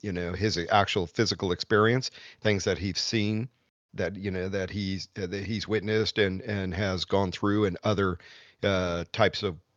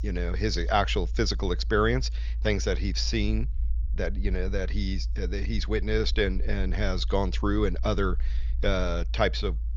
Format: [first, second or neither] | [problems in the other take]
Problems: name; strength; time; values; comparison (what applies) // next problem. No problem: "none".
first | low rumble; faint; throughout; 25 dB below the speech